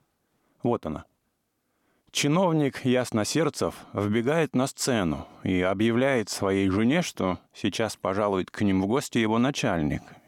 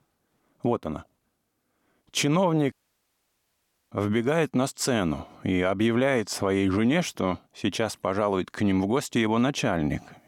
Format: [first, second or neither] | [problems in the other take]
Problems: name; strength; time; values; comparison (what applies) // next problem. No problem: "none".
first | audio cutting out; at 2.5 s for 1 s